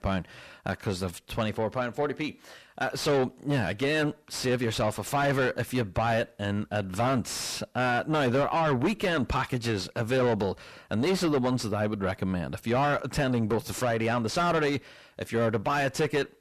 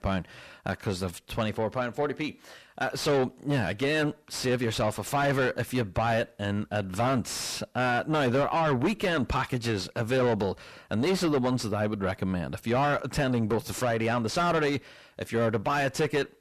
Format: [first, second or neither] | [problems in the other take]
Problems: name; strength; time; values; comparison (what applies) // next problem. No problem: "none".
neither | distortion; heavy; 6 dB below the speech; the same in both